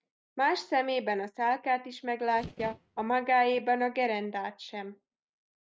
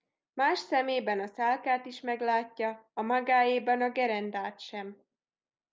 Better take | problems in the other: second | noise reduction (neural mask model RNNoise)

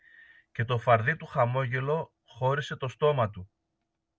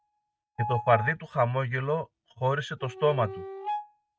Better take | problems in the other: first | noise reduction (neural mask model RNNoise)

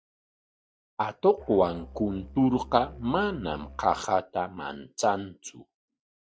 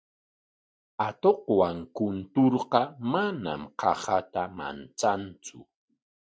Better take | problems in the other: second | noise reduction (neural mask model DeepFilterNet 3)

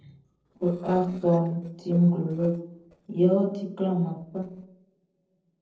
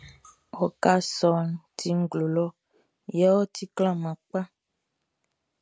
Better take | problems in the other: second | noise reduction (neural separator model SepFormer DNS4)

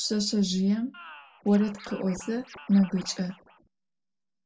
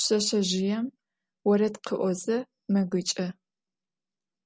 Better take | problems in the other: second | background sound (Scratching (performance technique)); 19 dB below the speech // room echo; dies away in 0.2 s

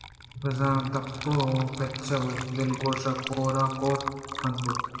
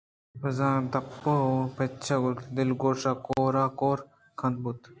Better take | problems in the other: second | background sound (Water / Liquid); 10 dB below the speech // room echo; dies away in 2.2 s

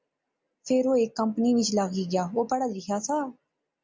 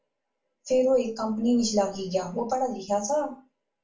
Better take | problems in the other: first | room echo; dies away in 0.3 s

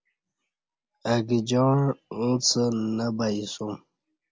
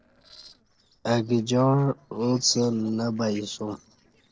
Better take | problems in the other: first | noise reduction (neural separator model SepFormer DNS4)

